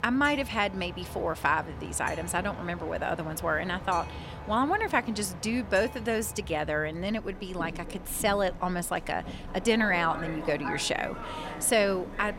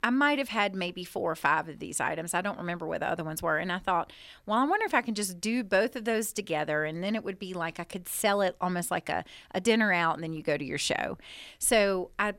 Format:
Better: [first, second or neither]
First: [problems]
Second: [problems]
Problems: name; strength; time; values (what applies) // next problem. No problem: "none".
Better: second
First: train or aircraft noise; noticeable; throughout; 10 dB below the speech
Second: none